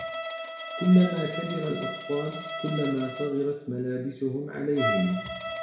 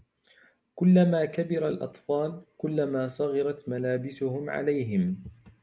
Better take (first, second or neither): second